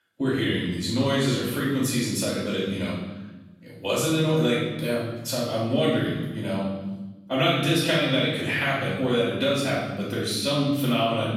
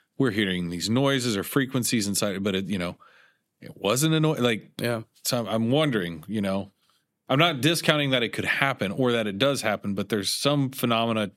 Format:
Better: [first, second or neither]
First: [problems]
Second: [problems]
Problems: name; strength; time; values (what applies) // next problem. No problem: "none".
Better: second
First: off-mic speech; far // room echo; strong; dies away in 1.1 s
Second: none